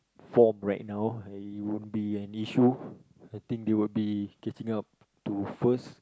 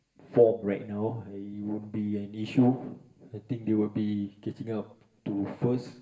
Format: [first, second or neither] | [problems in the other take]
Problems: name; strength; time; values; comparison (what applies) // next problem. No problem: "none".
first | room echo; dies away in 0.6 s